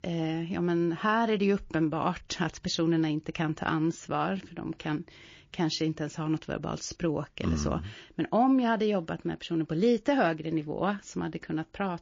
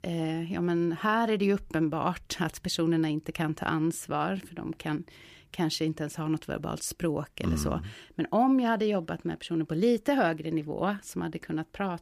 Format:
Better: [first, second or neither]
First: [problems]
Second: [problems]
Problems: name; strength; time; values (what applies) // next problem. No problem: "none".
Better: second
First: garbled, watery; slightly; nothing above 6 kHz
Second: none